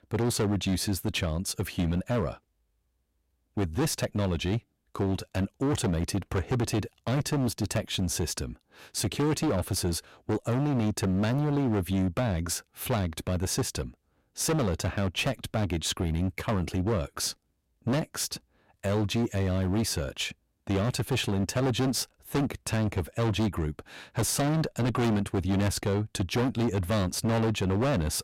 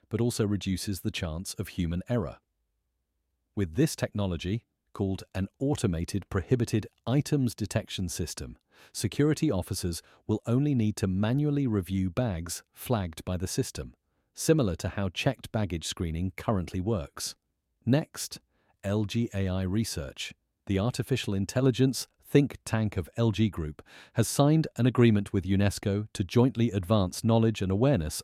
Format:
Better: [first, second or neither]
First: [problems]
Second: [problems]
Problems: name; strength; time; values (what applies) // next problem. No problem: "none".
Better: second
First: distortion; heavy; 20% of the sound clipped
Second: none